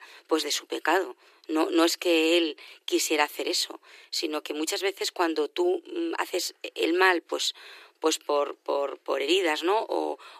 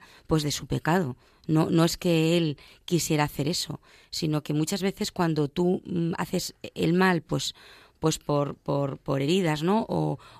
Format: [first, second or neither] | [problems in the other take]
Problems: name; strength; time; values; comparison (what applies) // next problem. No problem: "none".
second | thin; very; fading below 350 Hz